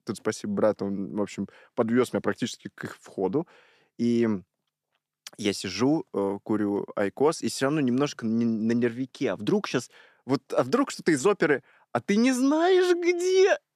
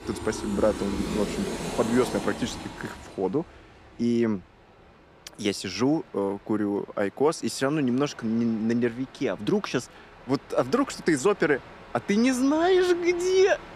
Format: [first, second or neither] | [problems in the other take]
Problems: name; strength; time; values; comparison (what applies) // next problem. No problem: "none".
first | train or aircraft noise; noticeable; throughout; 10 dB below the speech